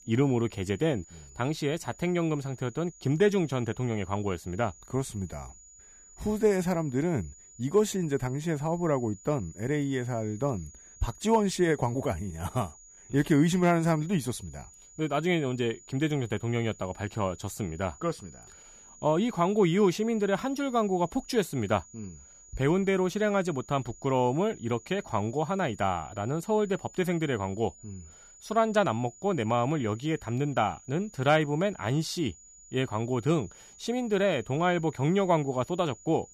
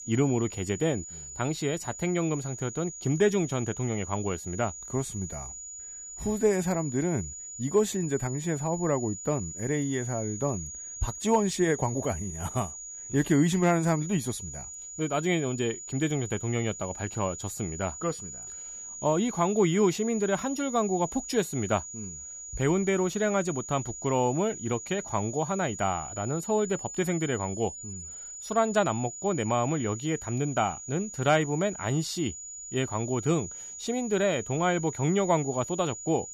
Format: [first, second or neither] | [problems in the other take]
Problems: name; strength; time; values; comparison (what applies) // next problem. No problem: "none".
first | high-pitched whine; loud; throughout; 7 kHz, 9 dB below the speech; faint in the first